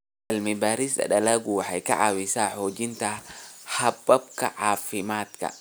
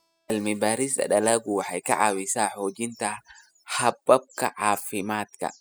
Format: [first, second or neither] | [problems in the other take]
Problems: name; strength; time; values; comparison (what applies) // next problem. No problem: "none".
first | noise reduction (classical method spectral subtraction)